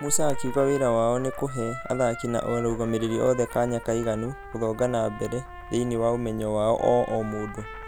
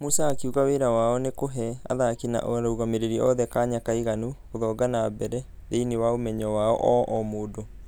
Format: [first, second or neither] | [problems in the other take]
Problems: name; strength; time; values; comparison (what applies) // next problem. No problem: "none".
second | background sound (Trumpet); 15 dB below the speech